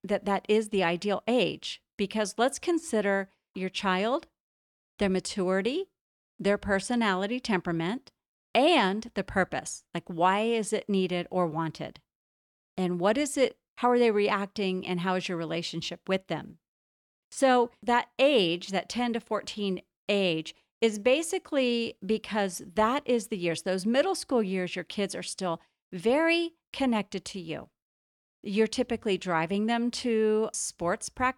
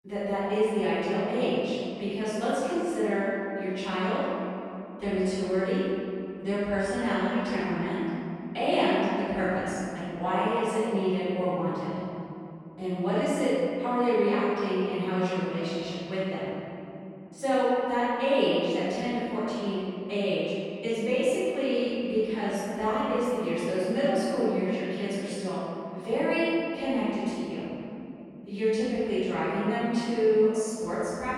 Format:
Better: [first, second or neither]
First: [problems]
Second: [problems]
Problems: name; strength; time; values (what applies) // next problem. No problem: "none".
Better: first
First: none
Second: off-mic speech; far // room echo; strong; dies away in 3 s